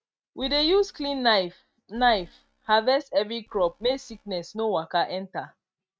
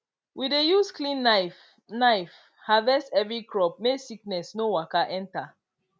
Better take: second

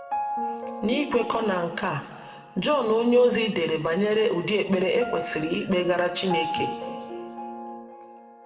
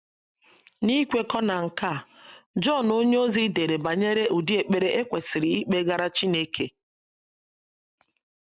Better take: second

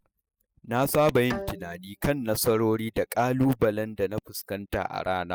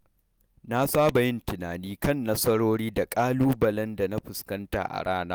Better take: second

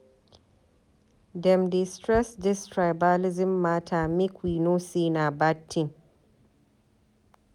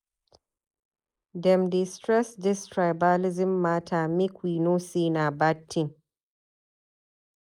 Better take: first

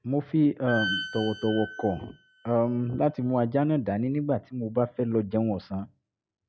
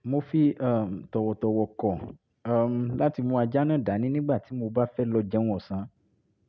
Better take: second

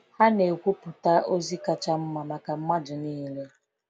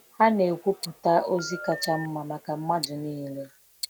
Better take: first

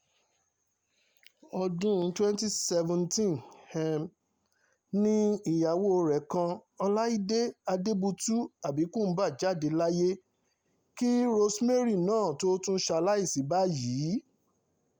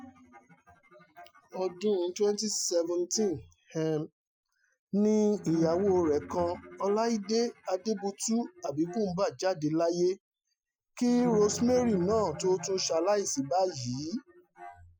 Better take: first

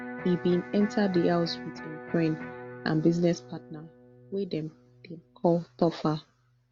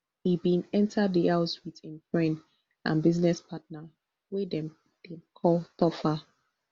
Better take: second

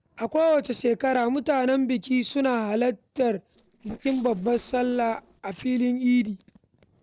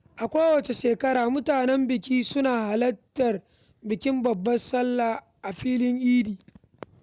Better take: second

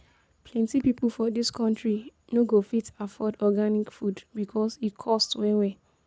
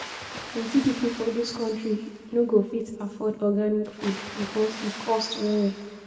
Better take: first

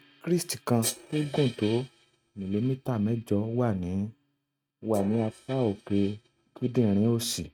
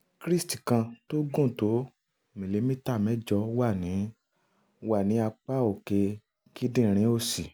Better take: second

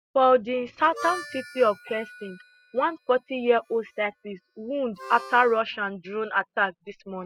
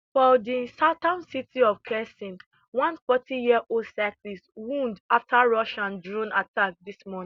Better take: second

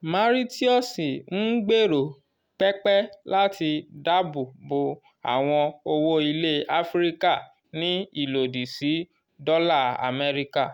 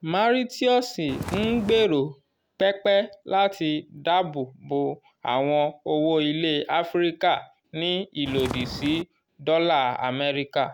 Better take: first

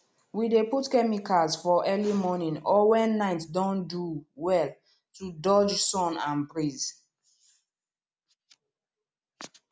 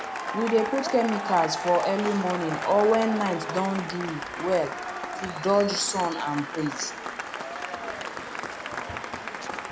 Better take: first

